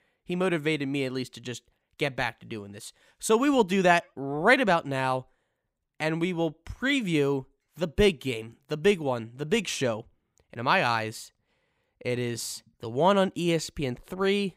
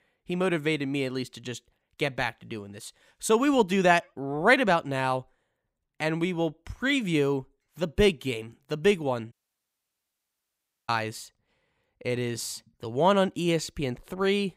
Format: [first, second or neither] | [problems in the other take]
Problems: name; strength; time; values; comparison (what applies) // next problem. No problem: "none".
first | audio cutting out; at 9.5 s for 1.5 s